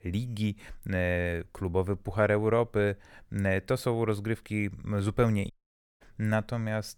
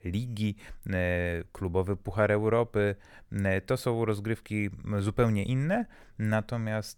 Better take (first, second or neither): second